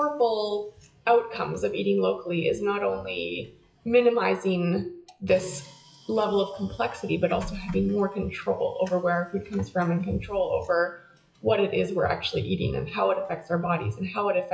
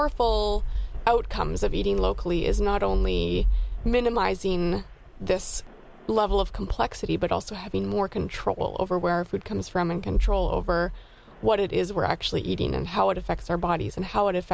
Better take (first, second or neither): second